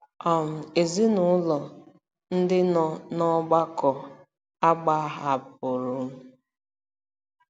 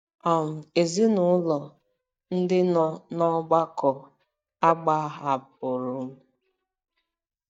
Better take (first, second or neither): first